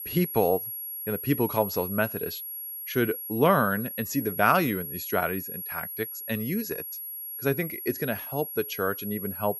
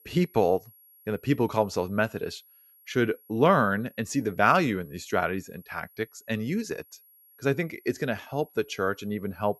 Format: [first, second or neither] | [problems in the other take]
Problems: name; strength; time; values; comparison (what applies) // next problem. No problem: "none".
second | high-pitched whine; loud; throughout; 11.5 kHz, 6 dB below the speech; faint in the second